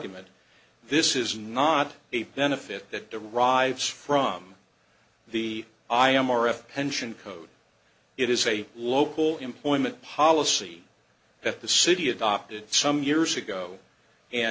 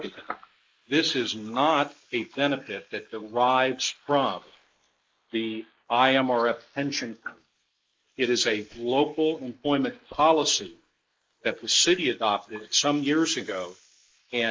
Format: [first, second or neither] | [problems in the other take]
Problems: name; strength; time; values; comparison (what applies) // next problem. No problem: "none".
first | noise reduction (neural mask model Resemble Enhance denoiser)